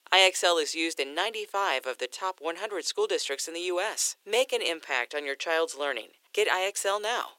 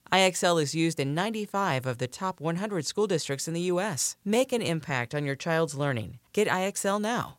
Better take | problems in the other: second | thin; very; fading below 350 Hz

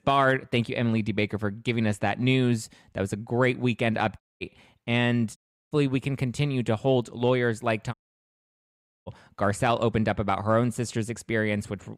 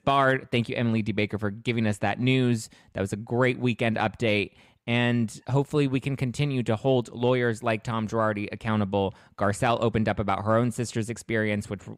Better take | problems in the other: second | audio cutting out; at 4 s, at 5.5 s and at 8 s for 1 s

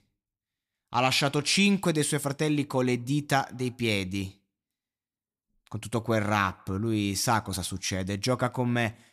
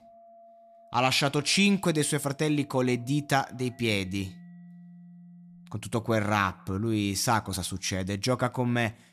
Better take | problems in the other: first | background music; faint; throughout; 25 dB below the speech

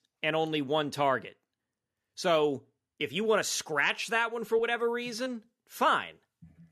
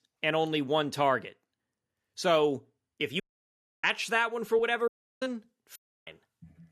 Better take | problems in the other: first | audio cutting out; at 3 s for 0.5 s, at 5 s and at 6 s

